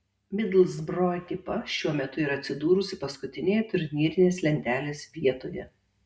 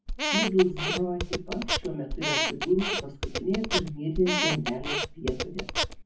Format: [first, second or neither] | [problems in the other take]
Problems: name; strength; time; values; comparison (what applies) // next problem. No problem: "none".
first | background sound (Squeak); 1 dB below the speech // room echo; dies away in 0.3 s